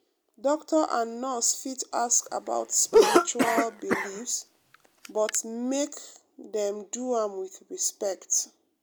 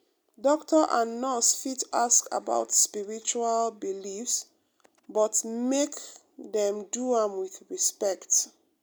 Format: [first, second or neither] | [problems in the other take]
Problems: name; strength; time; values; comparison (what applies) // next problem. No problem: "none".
second | background sound (Cough); 3 dB above the speech